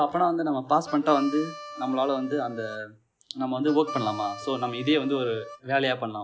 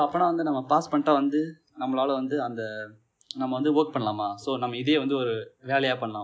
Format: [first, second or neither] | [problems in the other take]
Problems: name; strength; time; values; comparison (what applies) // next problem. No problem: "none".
second | background sound (Harmonica); 14 dB below the speech